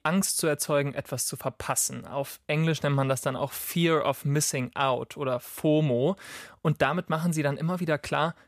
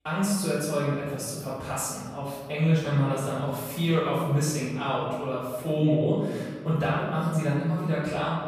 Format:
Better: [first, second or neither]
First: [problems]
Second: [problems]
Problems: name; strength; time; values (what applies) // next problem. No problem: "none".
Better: first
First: none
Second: room echo; strong; dies away in 1.5 s // off-mic speech; far